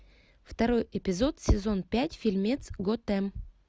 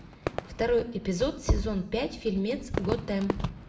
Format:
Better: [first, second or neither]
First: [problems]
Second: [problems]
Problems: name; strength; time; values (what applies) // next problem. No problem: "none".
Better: first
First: none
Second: background sound (Fireworks); 8 dB below the speech // room echo; dies away in 0.6 s